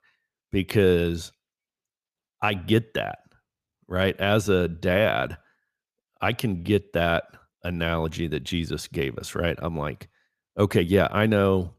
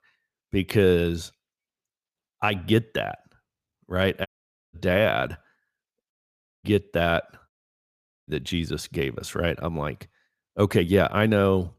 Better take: first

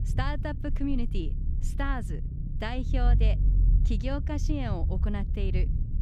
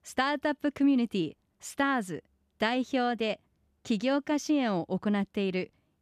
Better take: second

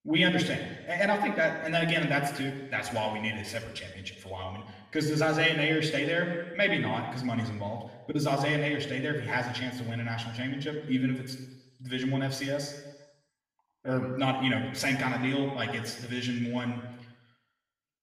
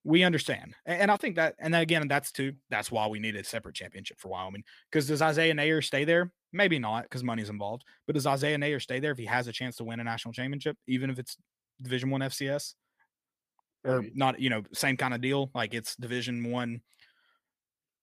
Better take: second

